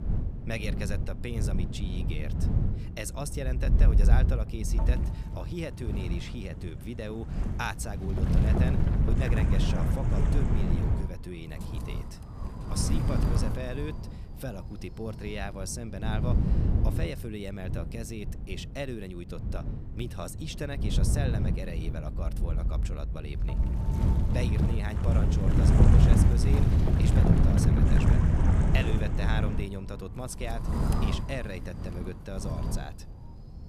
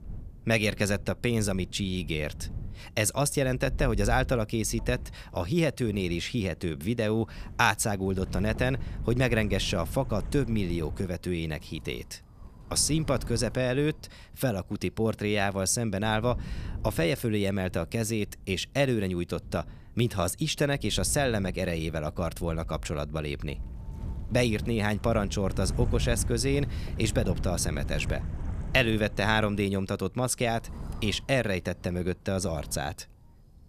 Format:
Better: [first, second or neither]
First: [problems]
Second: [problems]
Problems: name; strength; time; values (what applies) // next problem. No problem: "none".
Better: second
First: wind noise on the microphone; heavy; 1 dB above the speech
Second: wind noise on the microphone; occasional gusts; 20 dB below the speech